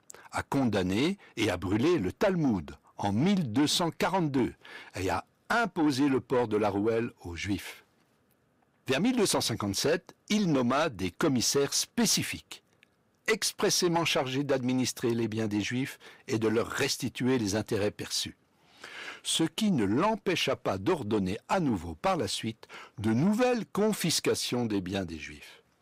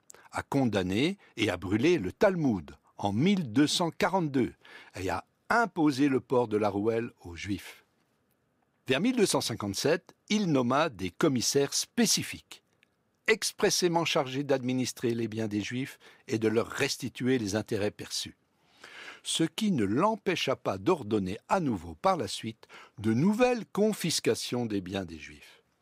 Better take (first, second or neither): second